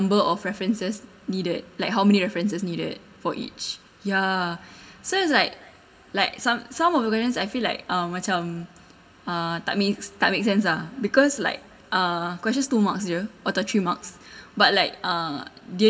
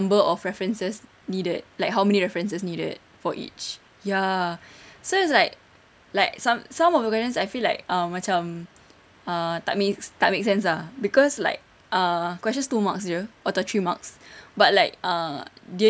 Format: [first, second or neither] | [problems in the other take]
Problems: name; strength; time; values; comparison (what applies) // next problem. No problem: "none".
second | room echo; dies away in 0.6 s